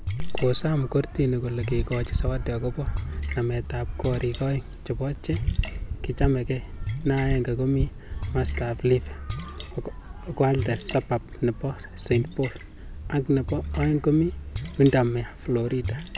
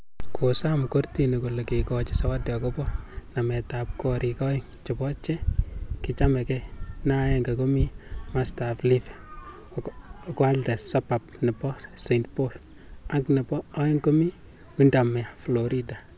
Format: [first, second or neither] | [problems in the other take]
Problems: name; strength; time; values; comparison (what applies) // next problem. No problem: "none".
second | background sound (Splash, splatter); 9 dB below the speech